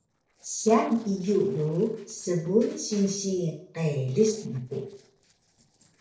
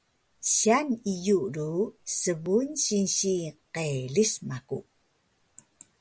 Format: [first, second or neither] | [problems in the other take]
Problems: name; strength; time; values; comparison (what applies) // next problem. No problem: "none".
second | noise reduction (neural separator model SepFormer DNS4)